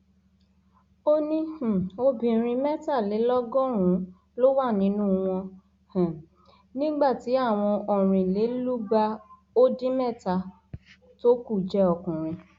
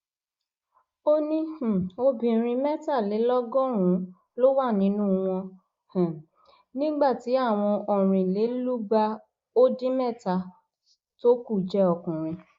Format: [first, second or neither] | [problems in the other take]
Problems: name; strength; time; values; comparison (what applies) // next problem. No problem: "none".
first | noise reduction (neural mask model Resemble Enhance denoiser)